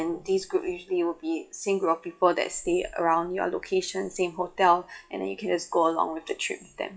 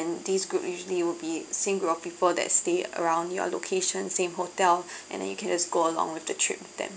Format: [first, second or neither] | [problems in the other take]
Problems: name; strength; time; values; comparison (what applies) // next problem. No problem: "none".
second | noise reduction (classical method WPE with log-MMSE)